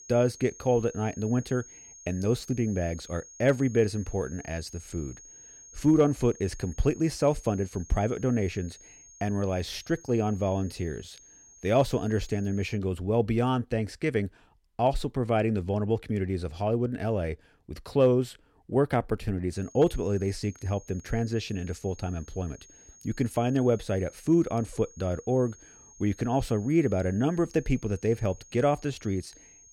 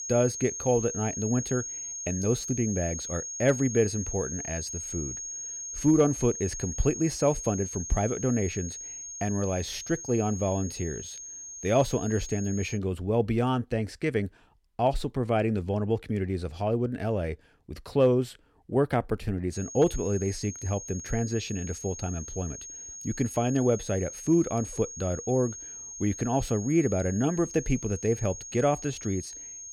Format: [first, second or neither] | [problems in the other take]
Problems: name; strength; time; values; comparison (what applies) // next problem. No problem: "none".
first | high-pitched whine; loud; until 13 s and from 20 s on; 6.5 kHz, 8 dB below the speech; faint in the first